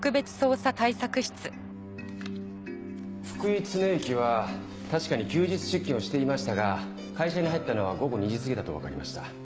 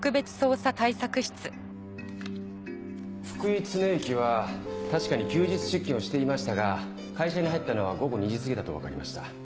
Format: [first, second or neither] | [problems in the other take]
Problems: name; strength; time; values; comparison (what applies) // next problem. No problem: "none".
first | background sound (Vehicle horn, car horn, honking); 7 dB below the speech